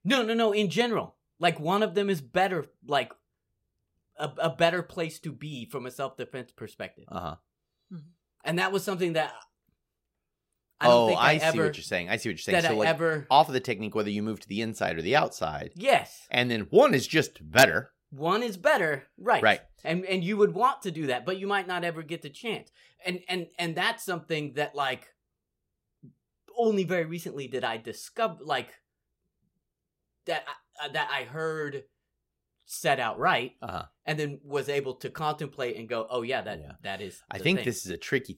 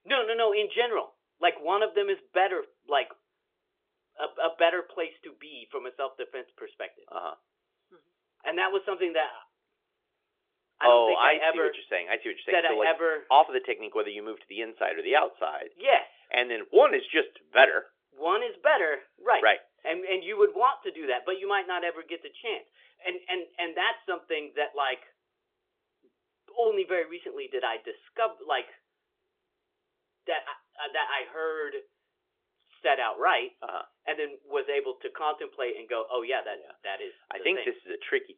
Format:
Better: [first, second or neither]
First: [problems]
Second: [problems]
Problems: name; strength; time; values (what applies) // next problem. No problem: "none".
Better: first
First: none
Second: phone-call audio; nothing above 3.5 kHz